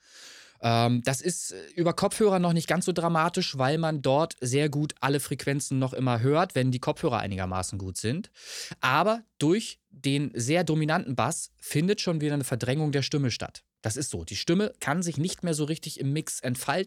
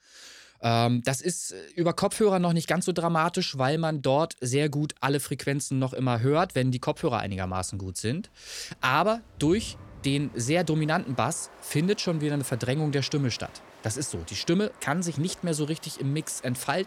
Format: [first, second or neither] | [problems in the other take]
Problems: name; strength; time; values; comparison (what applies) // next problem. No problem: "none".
first | crowd noise; faint; throughout; 25 dB below the speech